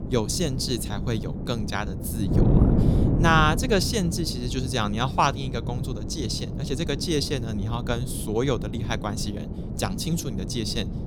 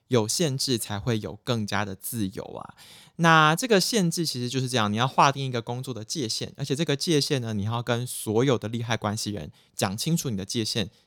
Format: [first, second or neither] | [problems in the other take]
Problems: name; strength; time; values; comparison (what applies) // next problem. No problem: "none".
second | wind noise on the microphone; heavy; 9 dB below the speech